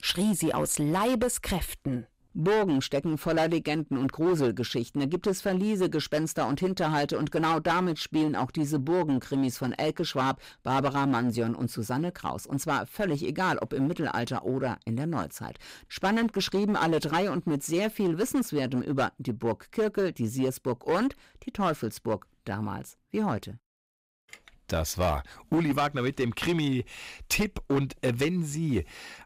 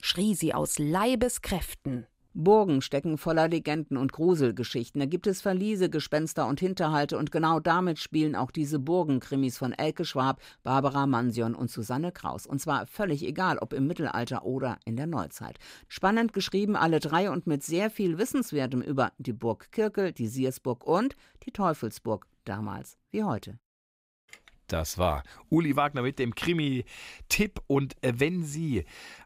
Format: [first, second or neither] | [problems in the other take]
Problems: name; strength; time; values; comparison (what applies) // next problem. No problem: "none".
second | distortion; slight; 8% of the sound clipped